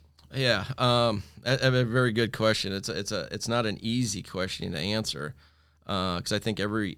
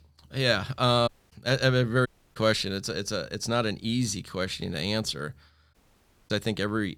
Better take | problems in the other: first | audio cutting out; at 1 s, at 2 s and at 5.5 s for 0.5 s

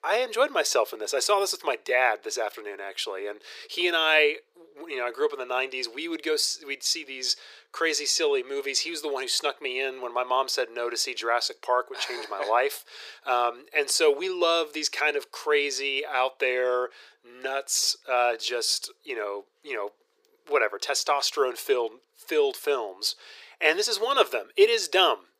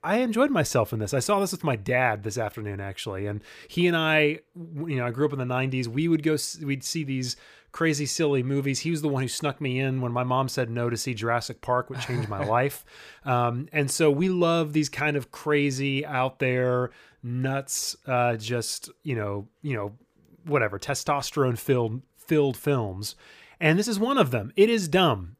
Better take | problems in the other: second | thin; very; fading below 400 Hz

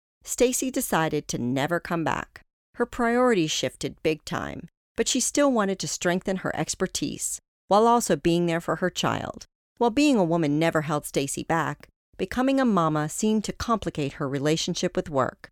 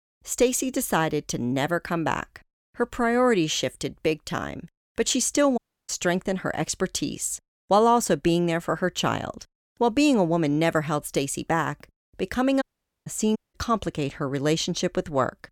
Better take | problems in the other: first | audio cutting out; at 5.5 s and at 13 s

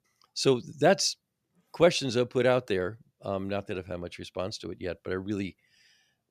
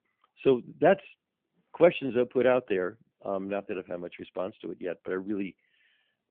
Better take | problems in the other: first | phone-call audio; nothing above 3.5 kHz

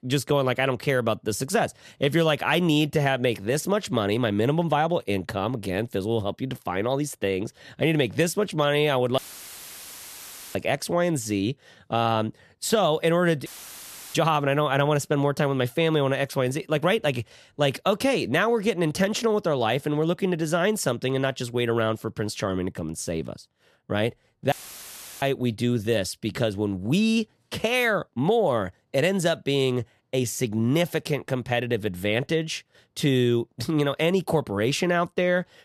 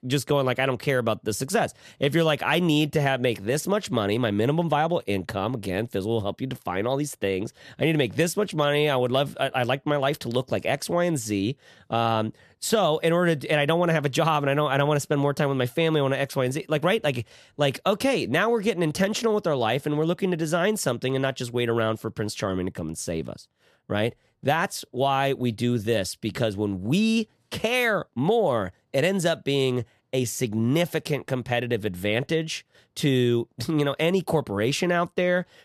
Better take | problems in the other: second | audio cutting out; filled with static; at 9 s for 1.5 s, at 13 s for 0.5 s and at 25 s for 0.5 s

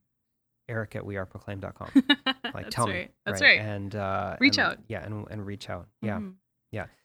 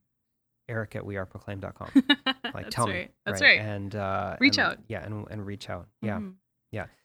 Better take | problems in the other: neither | none

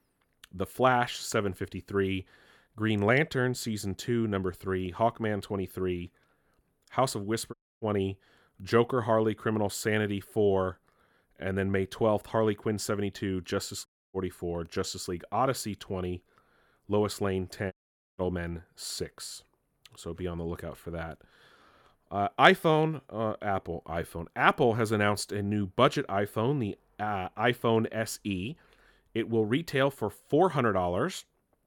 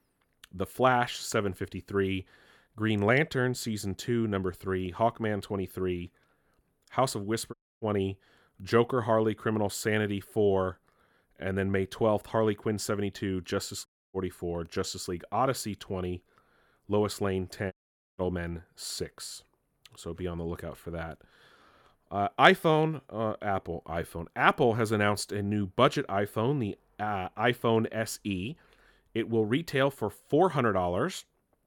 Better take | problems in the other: neither | audio cutting out; at 7.5 s, at 14 s and at 18 s; the same in both

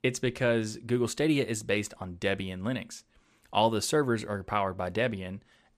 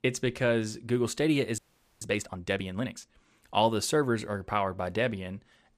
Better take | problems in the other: first | audio freezing; at 1.5 s

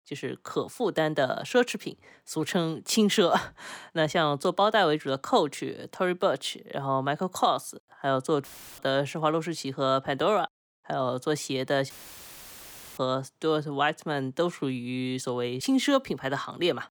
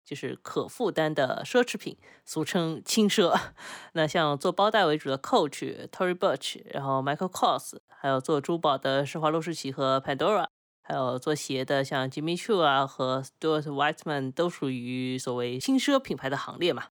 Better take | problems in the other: second | audio cutting out; filled with static; at 8.5 s and at 12 s for 1 s

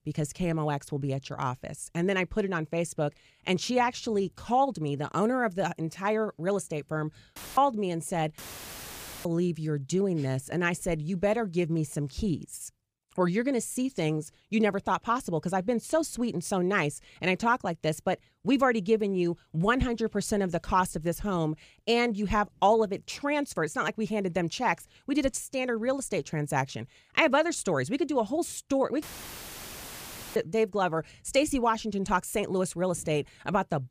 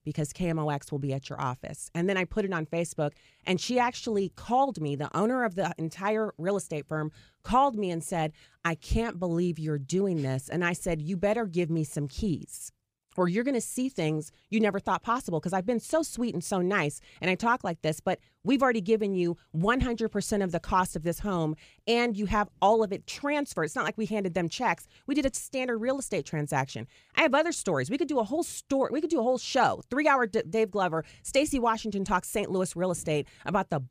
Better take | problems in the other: second | audio cutting out; filled with static; at 7.5 s, at 8.5 s for 1 s and at 29 s for 1.5 s

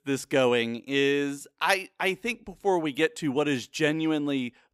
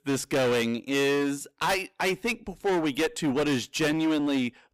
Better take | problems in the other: first | distortion; heavy; 20% of the sound clipped

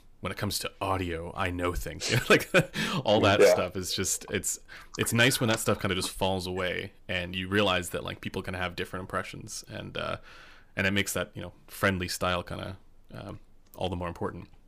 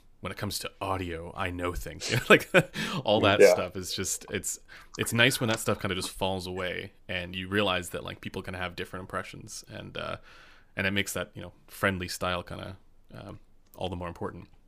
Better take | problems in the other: second | distortion; slight; 10 dB below the speech

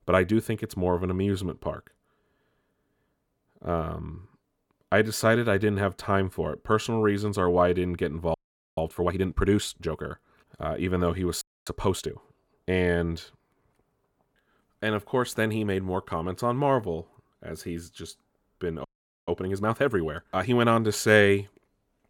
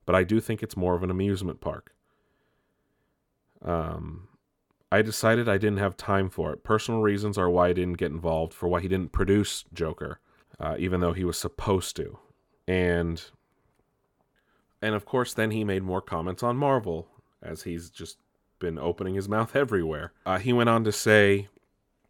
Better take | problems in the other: second | audio freezing; at 8.5 s, at 11 s and at 19 s

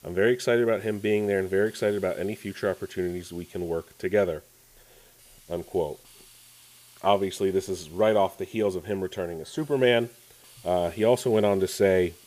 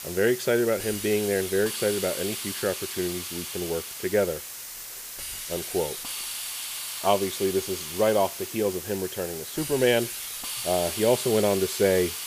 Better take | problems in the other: first | hiss; loud; throughout; 6 dB below the speech; faint in the first

